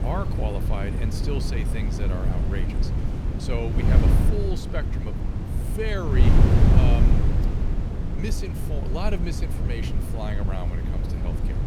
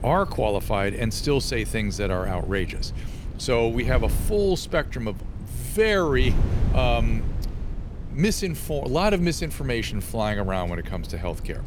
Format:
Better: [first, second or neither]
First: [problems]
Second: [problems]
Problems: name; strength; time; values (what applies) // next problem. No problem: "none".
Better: second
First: wind noise on the microphone; heavy; as loud as the speech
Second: wind noise on the microphone; occasional gusts; 15 dB below the speech